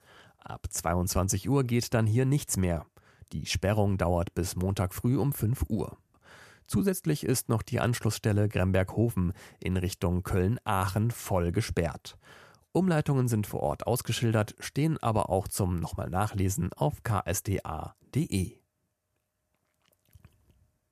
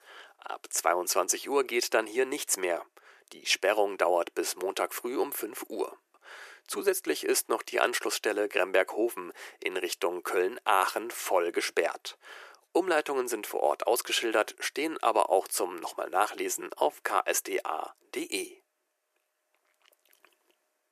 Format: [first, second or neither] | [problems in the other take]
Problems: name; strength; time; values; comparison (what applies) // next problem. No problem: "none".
first | thin; very; fading below 350 Hz